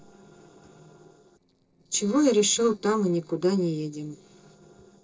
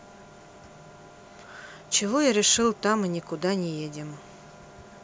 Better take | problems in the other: second | noise reduction (neural separator model SepFormer DNS4)

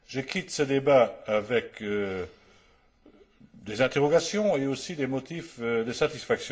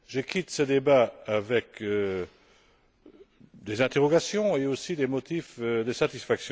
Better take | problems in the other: second | room echo; dies away in 0.4 s

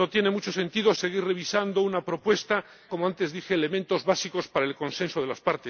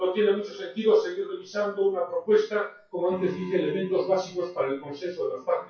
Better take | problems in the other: first | noise reduction (classical method WPE with log-MMSE)

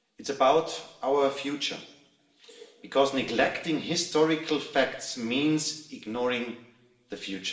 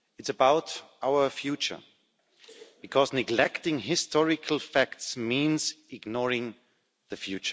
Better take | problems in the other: second | room echo; dies away in 0.8 s

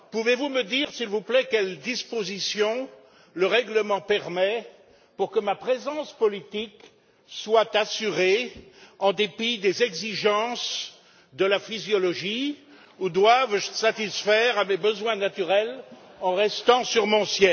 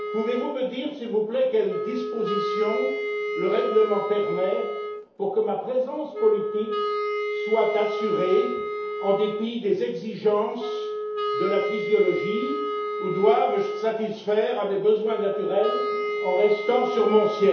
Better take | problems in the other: first | background sound (Wind instrument, woodwind instrument); 5 dB below the speech // room echo; dies away in 0.8 s

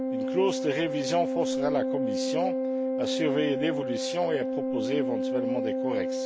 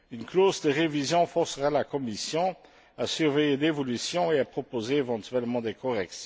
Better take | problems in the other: second | background sound (Organ); 1 dB above the speech

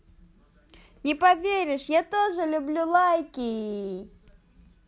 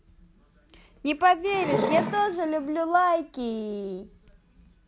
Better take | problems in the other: first | background sound (Wood); 3 dB below the speech

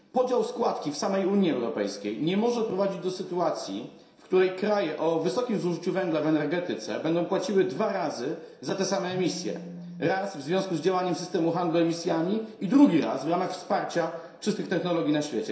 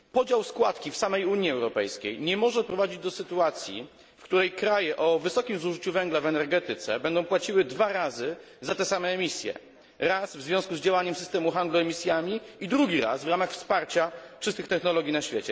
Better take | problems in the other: second | background sound (Telephone); 13 dB below the speech // room echo; dies away in 0.7 s

